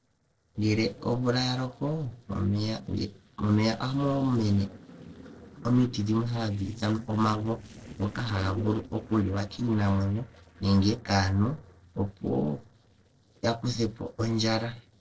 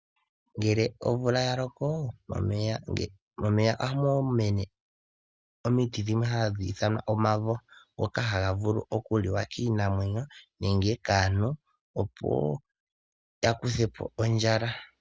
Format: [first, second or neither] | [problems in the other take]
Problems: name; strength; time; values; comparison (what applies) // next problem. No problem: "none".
second | noise reduction (neural separator model SepFormer DNS4)